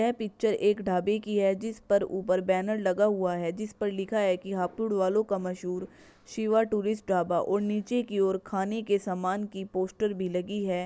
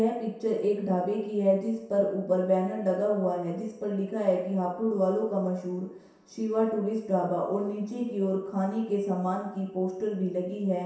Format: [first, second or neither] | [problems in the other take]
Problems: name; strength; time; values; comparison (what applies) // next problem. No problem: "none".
first | room echo; dies away in 0.7 s